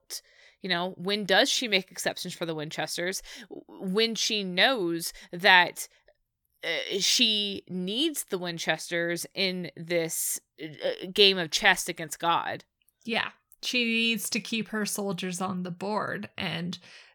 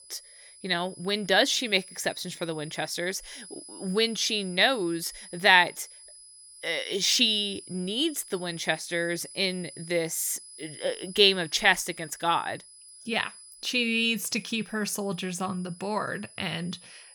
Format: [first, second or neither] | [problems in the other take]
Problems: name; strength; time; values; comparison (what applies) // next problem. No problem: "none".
first | high-pitched whine; noticeable; throughout; 10 kHz, 20 dB below the speech